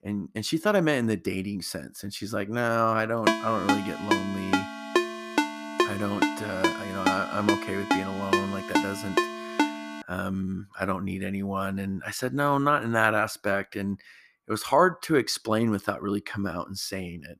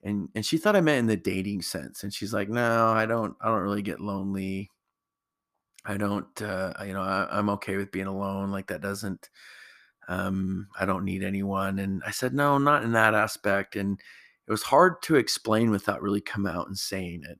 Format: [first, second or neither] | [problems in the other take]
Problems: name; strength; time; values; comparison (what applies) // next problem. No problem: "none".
second | phone ringing; loud; from 3.5 to 9.5 s; peak 2 dB above the speech